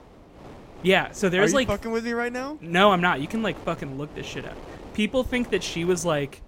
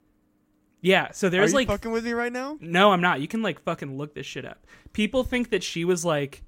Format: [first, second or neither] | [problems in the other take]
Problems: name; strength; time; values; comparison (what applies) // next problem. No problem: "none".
second | wind noise on the microphone; occasional gusts; 20 dB below the speech